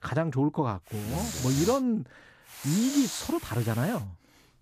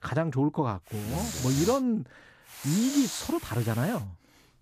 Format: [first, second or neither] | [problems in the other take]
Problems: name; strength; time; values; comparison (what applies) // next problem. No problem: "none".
neither | hiss; loud; at 1 s and from 2.5 to 4 s; 8 dB below the speech; the same in both